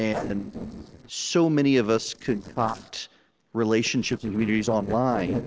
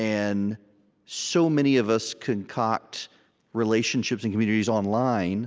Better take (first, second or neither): second